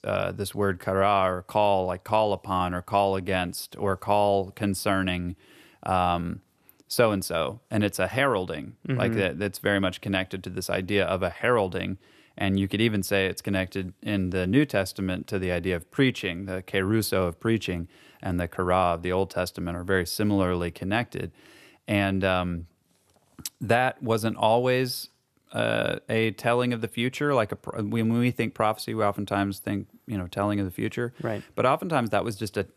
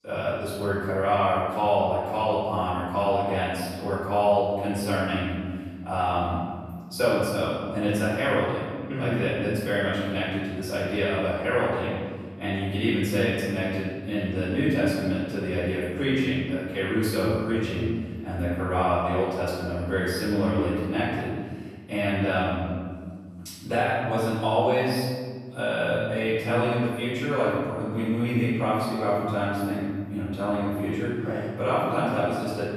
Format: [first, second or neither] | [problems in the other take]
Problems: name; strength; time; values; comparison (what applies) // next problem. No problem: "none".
first | off-mic speech; far // room echo; strong; dies away in 1.7 s